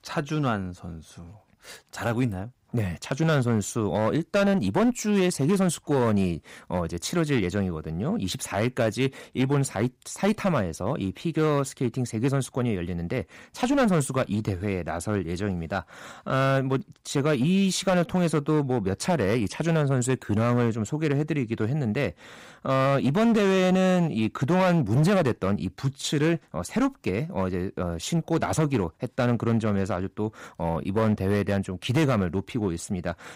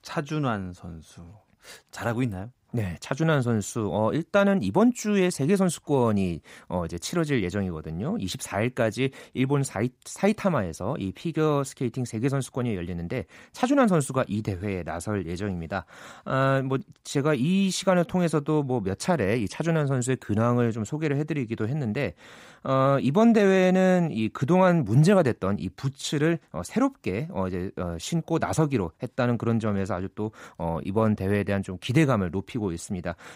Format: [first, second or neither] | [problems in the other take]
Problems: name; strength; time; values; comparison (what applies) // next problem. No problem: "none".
second | distortion; slight; 9% of the sound clipped